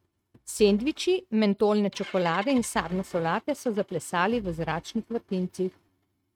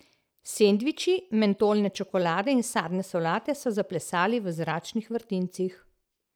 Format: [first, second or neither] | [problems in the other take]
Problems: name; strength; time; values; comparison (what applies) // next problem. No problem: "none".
second | noise reduction (neural mask model RNNoise)